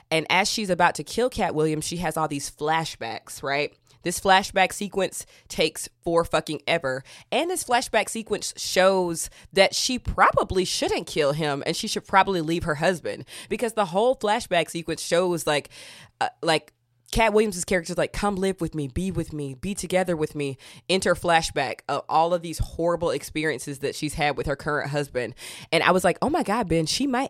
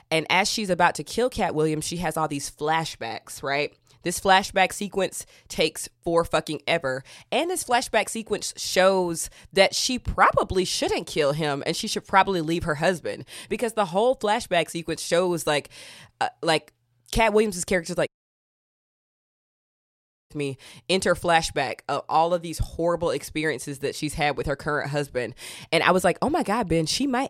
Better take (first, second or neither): first